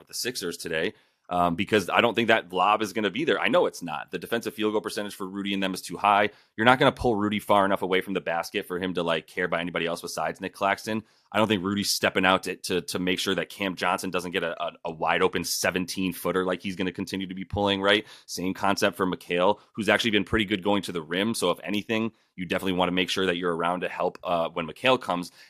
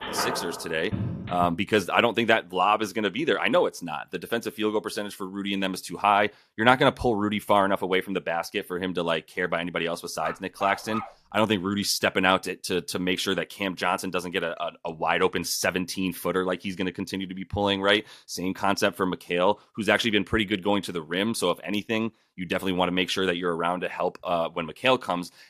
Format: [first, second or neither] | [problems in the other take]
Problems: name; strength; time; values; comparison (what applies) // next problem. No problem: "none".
first | phone ringing; noticeable; until 1.5 s; peak 4 dB below the speech // dog barking; noticeable; at 10 s; peak 8 dB below the speech